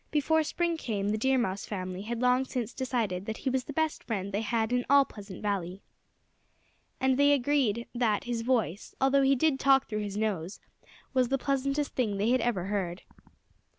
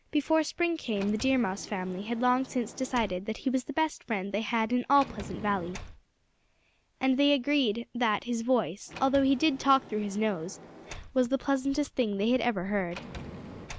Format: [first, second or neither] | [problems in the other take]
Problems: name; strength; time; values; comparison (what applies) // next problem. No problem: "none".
first | background sound (Sliding door); 18 dB below the speech